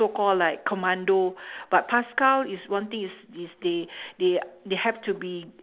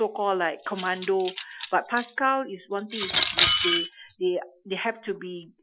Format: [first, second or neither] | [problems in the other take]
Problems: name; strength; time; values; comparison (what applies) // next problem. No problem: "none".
first | noise reduction (classical method Wiener filter)